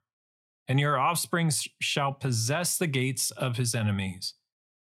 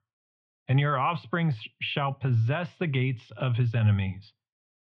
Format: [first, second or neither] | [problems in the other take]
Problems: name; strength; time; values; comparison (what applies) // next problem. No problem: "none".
first | muffled; very; fading above 3 kHz